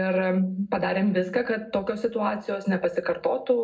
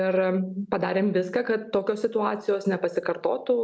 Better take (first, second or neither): second